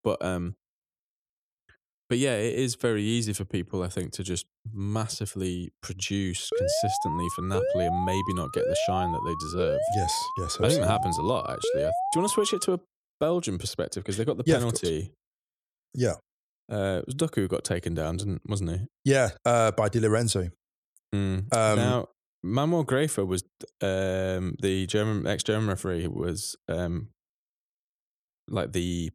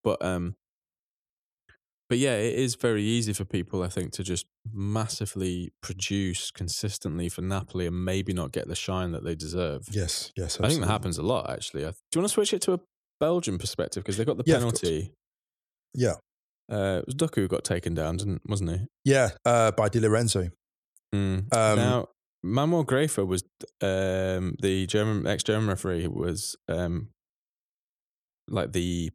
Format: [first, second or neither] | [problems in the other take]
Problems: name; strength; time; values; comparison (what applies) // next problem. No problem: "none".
second | alarm; loud; from 6.5 to 13 s; peak 2 dB above the speech